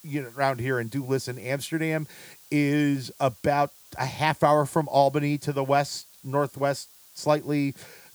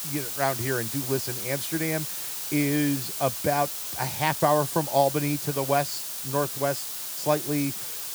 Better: first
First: hiss; faint; throughout; 25 dB below the speech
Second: hiss; loud; throughout; 3 dB below the speech

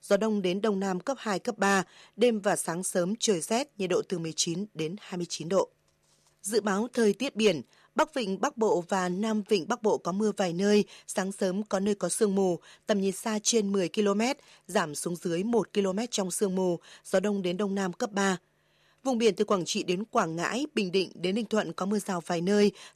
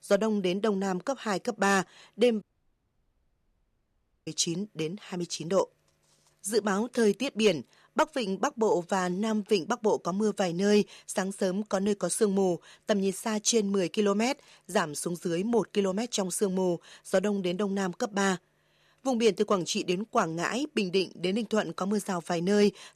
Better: first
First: none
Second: audio cutting out; at 2.5 s for 2 s

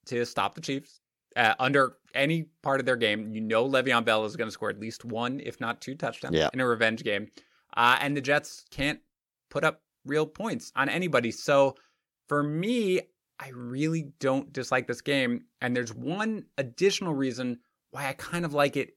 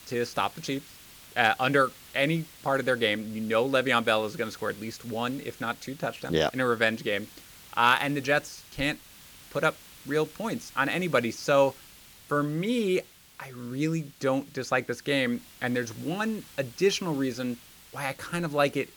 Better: first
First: none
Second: hiss; faint; throughout; 20 dB below the speech

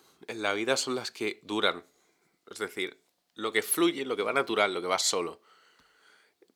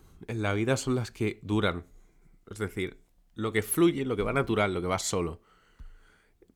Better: second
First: thin; somewhat; fading below 400 Hz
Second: none

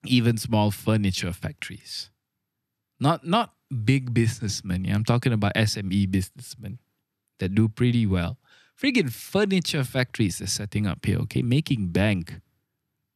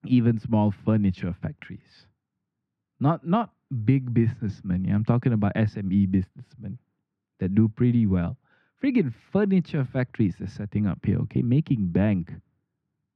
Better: first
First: none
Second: muffled; very; fading above 1.5 kHz

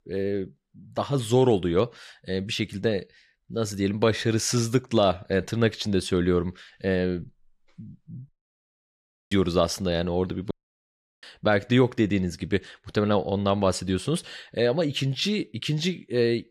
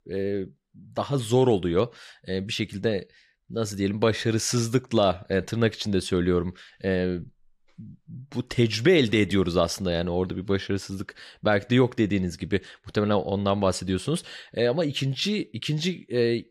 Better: second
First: audio cutting out; at 8.5 s for 1 s and at 11 s for 0.5 s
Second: none

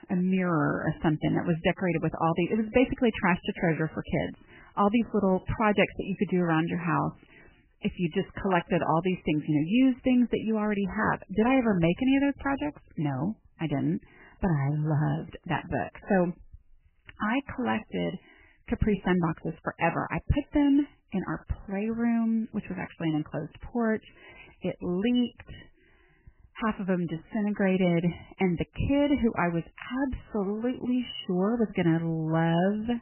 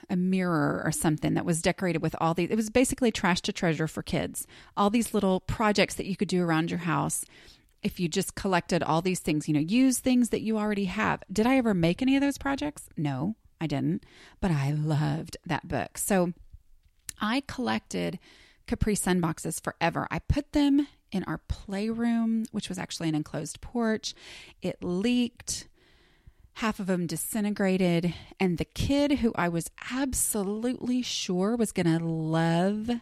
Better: second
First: garbled, watery; badly; nothing above 3 kHz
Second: none

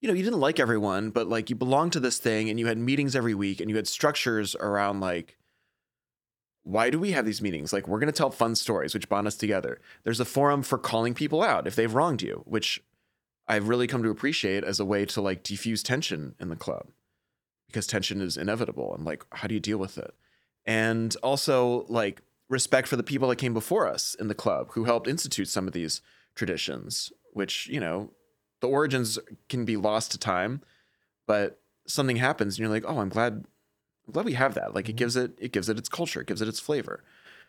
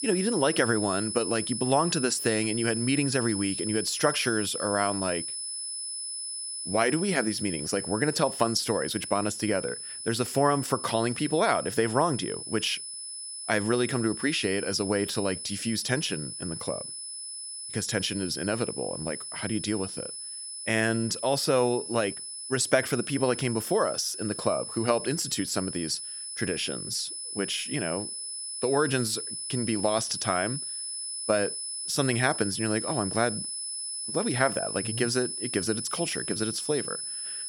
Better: first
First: none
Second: high-pitched whine; loud; throughout; 10 kHz, 5 dB below the speech

